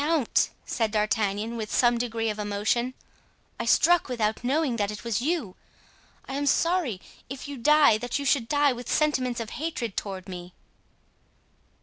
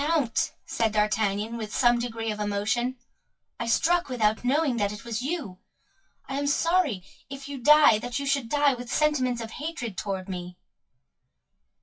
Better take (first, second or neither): first